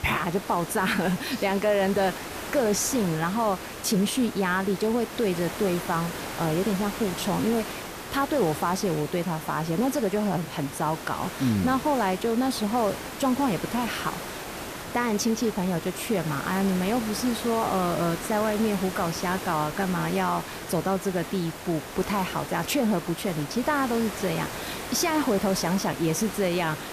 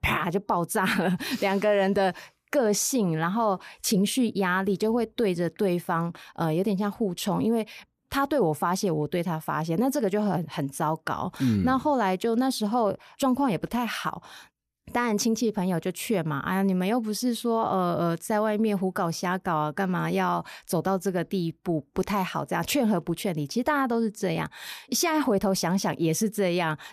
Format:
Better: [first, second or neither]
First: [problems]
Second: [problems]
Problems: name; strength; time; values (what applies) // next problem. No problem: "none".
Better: second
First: hiss; loud; throughout; 9 dB below the speech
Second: none